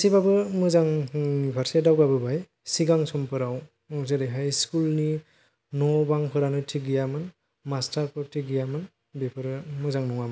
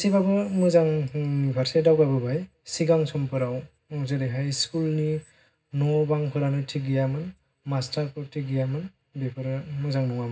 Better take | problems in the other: first | room echo; dies away in 0.4 s

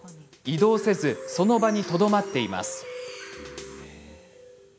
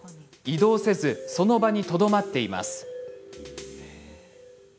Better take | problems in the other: second | background sound (Bird); 18 dB below the speech

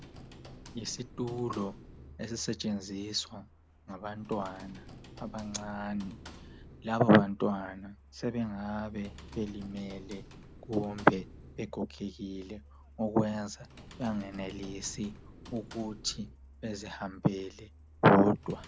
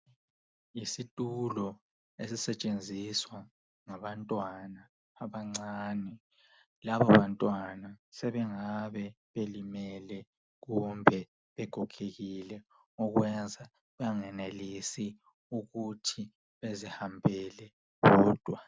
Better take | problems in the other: second | background sound (Truck + Computer keyboard); 18 dB below the speech

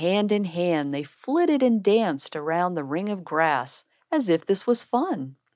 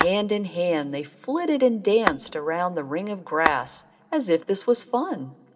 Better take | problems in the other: first | background sound (Tap / Glass); 8 dB below the speech // room echo; dies away in 0.3 s

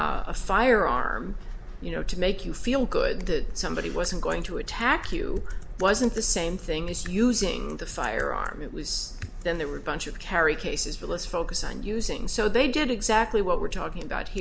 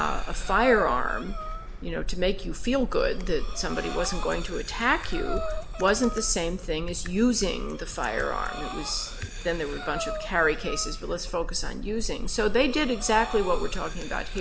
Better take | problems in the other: first | background sound (Breathing); 14 dB below the speech

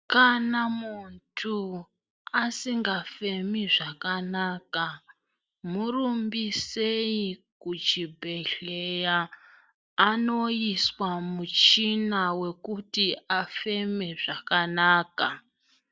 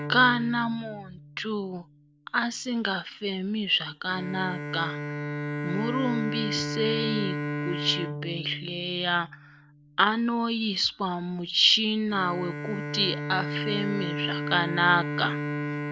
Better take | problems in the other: first | background sound (Bowed string instrument); 6 dB below the speech

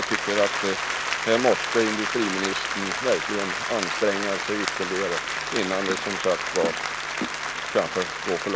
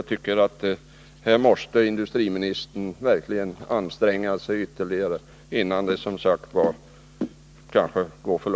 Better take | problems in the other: second | background sound (Applause); 1 dB below the speech

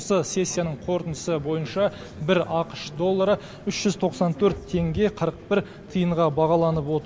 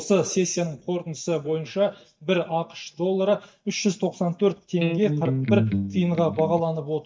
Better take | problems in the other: first | noise reduction (neural mask model DeepFilterNet 3)

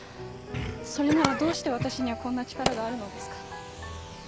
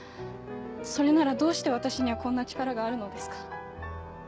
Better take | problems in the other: second | background sound (Fire + Cough); 5 dB below the speech

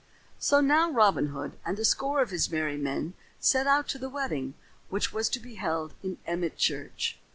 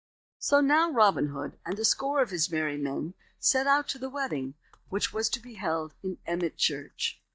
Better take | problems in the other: first | noise reduction (neural mask model DeepFilterNet 3)

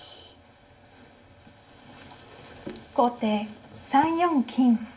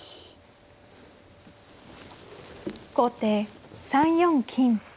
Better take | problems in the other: second | room echo; dies away in 0.4 s

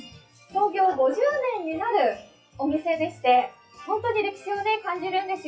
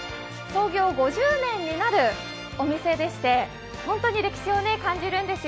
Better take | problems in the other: second | noise reduction (classical method WPE with log-MMSE)

